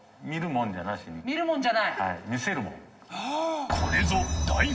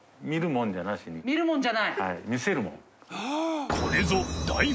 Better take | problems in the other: second | room echo; dies away in 2.4 s

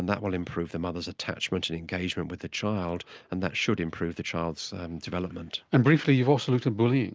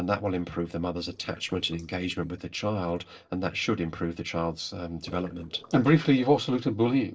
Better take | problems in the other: first | noise reduction (neural separator model SepFormer DNS4)

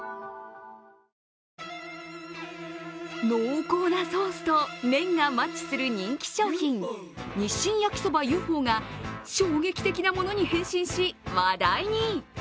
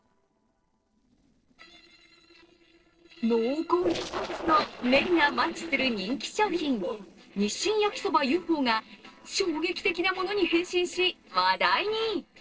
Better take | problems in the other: first | noise reduction (neural separator model SepFormer DNS4)

